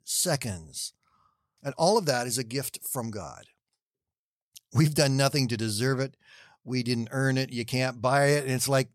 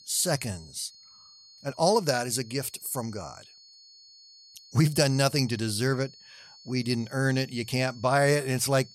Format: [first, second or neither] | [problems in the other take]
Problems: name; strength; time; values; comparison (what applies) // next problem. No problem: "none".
first | high-pitched whine; faint; throughout; 4.5 kHz, 25 dB below the speech